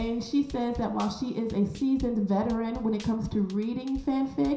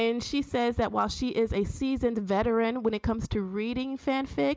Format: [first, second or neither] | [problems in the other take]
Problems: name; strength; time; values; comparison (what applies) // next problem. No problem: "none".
second | background sound (Drum kit); 17 dB below the speech // room echo; dies away in 0.7 s